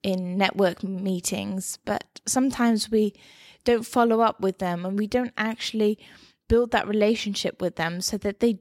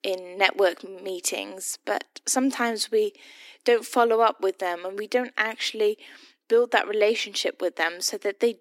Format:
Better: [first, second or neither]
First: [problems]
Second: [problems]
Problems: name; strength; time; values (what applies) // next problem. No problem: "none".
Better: first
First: none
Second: thin; somewhat; fading below 250 Hz